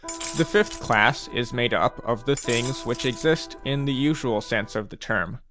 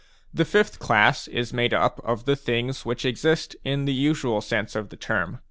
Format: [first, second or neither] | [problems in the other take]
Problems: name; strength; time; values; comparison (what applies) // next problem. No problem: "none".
second | background sound (Glass + Electric guitar); 14 dB below the speech